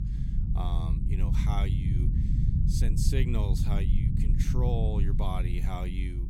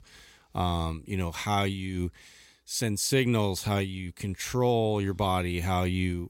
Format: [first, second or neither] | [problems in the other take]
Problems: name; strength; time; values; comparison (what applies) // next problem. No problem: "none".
second | low rumble; loud; throughout; 3 dB below the speech